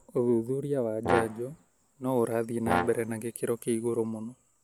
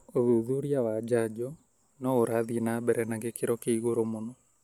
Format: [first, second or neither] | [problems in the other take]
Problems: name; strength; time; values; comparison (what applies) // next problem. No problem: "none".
second | background sound (Brass instrument); 4 dB below the speech